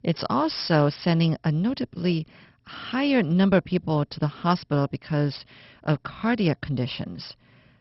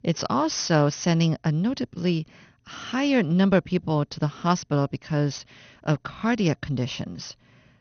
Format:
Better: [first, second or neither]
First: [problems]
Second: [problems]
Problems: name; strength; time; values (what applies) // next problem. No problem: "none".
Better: second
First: garbled, watery; badly; nothing above 5.5 kHz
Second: garbled, watery; slightly; nothing above 6.5 kHz